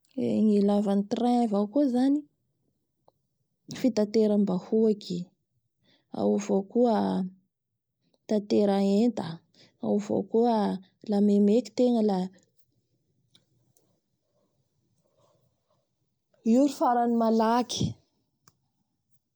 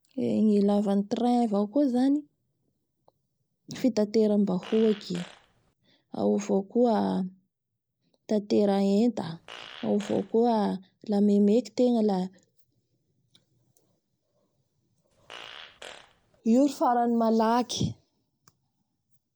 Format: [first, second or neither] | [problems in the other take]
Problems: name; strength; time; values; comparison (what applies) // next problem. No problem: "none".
first | background sound (Fart); 20 dB below the speech